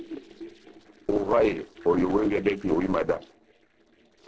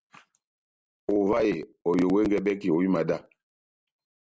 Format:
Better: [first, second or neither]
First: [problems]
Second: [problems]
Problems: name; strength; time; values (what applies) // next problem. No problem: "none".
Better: second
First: noise reduction (neural separator model SepFormer DNS4)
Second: none